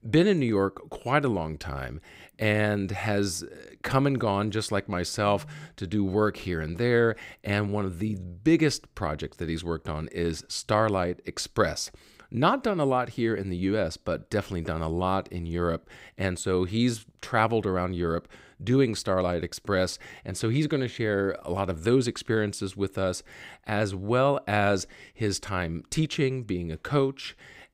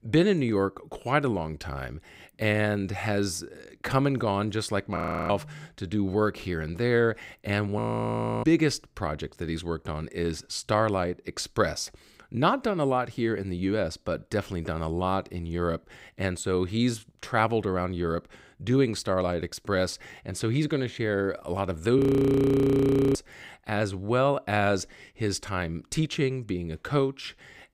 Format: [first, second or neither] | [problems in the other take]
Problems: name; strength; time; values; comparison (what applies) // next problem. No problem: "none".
first | audio freezing; at 5 s, at 8 s for 0.5 s and at 22 s for 1 s